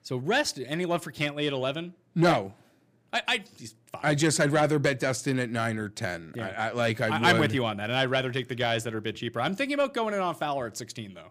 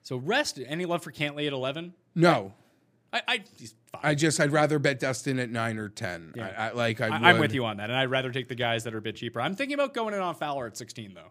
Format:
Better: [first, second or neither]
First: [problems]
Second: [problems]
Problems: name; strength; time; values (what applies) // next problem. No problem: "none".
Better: second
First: distortion; slight; 10 dB below the speech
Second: none